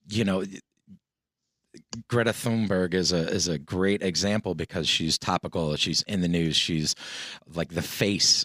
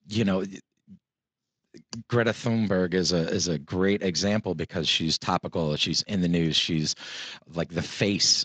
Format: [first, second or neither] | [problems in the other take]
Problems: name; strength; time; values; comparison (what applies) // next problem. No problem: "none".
first | garbled, watery; slightly